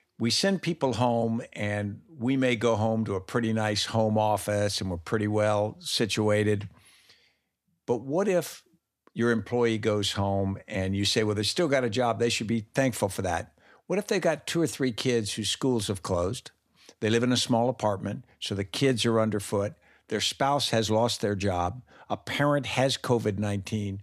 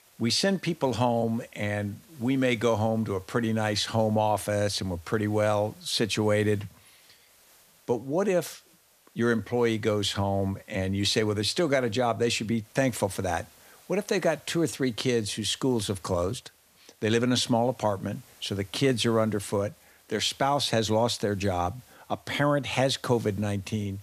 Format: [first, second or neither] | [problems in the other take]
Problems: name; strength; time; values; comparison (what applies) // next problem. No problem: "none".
first | hiss; faint; throughout; 30 dB below the speech